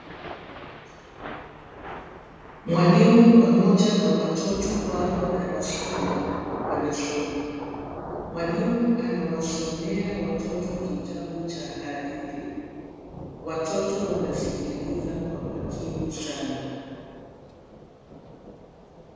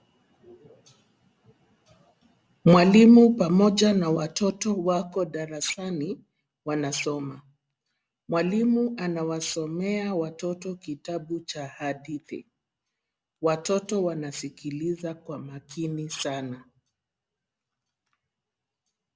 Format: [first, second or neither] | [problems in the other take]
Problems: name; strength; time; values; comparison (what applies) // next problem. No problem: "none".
second | background sound (Thunder / Rain); 11 dB below the speech // room echo; dies away in 2.1 s